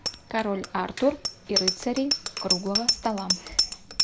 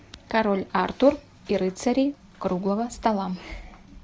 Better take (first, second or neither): second